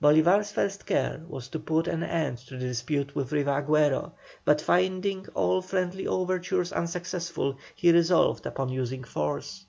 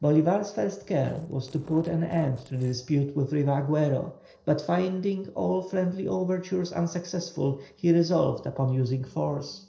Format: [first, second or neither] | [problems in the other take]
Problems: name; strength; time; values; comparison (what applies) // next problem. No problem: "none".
first | noise reduction (neural separator model SepFormer DNS4)